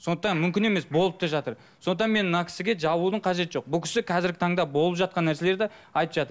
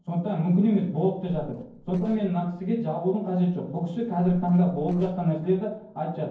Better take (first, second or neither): first